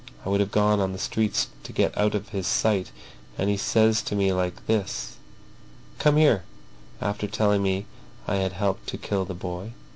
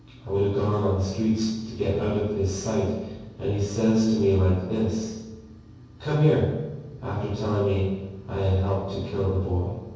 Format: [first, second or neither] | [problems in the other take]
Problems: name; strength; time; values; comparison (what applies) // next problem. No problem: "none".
first | room echo; dies away in 1.3 s